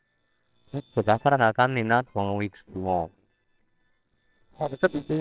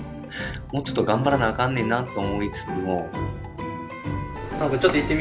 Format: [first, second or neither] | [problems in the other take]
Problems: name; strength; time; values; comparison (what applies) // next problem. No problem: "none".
second | noise reduction (neural separator model SepFormer WHAMR!)